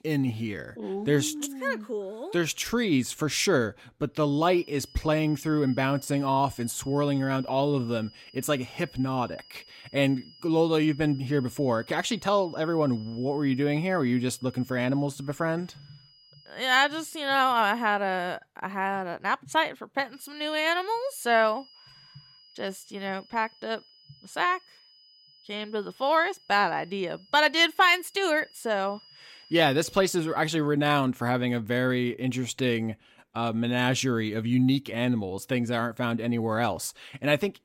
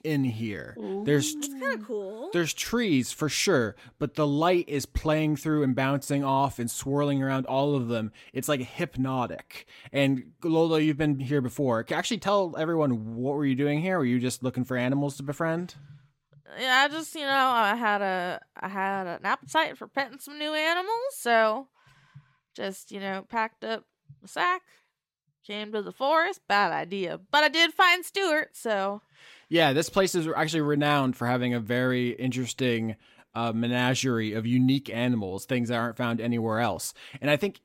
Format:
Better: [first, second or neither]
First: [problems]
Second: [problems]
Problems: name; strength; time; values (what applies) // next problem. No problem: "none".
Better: second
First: high-pitched whine; faint; from 4.5 to 18 s and from 20 to 30 s; 5 kHz, 25 dB below the speech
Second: none